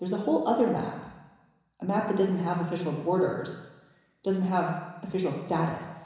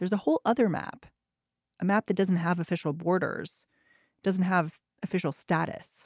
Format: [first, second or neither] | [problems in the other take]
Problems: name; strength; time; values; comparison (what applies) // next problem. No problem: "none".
second | room echo; dies away in 1 s